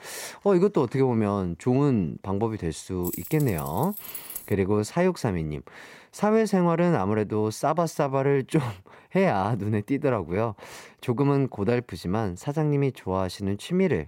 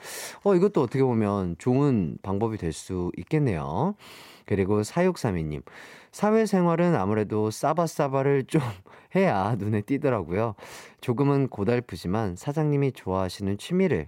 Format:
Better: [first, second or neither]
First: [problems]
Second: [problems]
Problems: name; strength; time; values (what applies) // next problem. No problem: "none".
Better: second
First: jangling keys; noticeable; from 3 to 4.5 s; peak 9 dB below the speech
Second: none